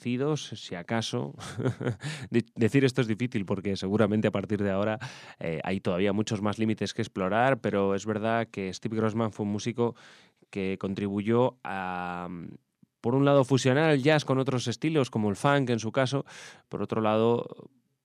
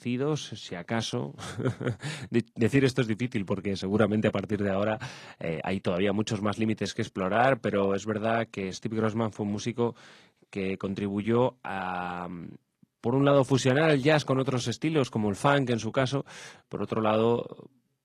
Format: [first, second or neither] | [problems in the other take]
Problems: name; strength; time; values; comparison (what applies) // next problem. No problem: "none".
first | garbled, watery; slightly; nothing above 14.5 kHz